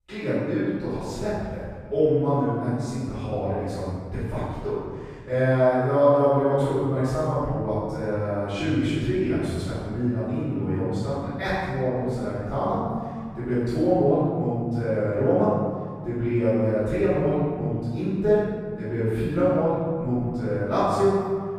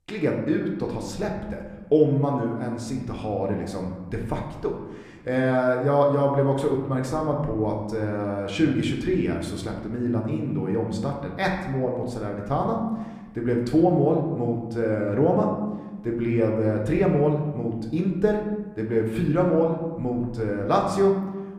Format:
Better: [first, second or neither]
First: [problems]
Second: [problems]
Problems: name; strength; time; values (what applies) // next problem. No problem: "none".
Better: second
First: room echo; strong; dies away in 1.8 s // off-mic speech; far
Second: room echo; slight; dies away in 1 s